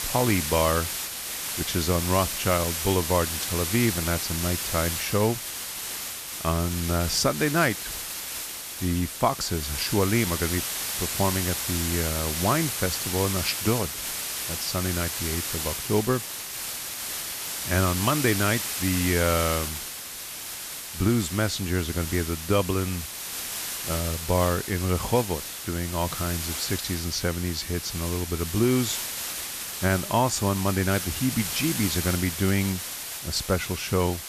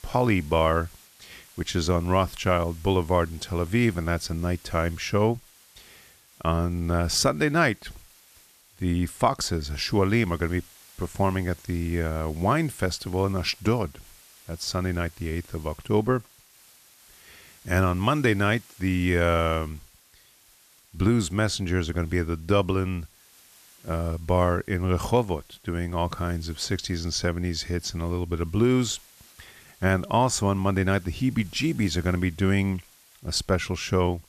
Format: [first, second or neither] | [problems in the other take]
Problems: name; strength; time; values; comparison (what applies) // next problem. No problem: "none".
second | hiss; loud; throughout; 3 dB below the speech; faint in the second